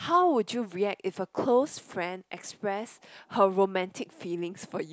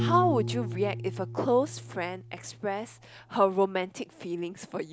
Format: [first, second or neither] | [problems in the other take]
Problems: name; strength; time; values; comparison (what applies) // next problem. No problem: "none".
first | background sound (Piano); 7 dB below the speech